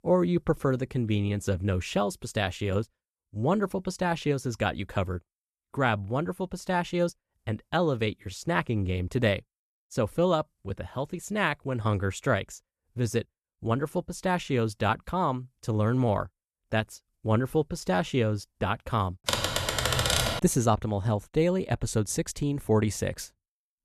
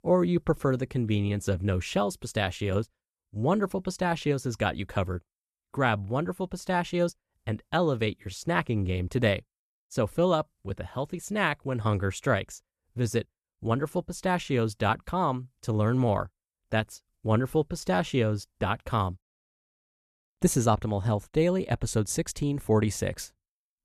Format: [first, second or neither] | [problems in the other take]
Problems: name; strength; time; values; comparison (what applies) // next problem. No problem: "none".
second | keyboard typing; loud; from 19 to 20 s; peak 4 dB above the speech